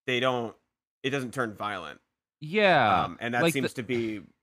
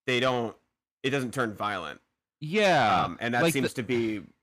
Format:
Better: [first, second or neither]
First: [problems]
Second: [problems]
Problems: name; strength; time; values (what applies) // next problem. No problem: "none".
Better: first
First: none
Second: distortion; slight; 10 dB below the speech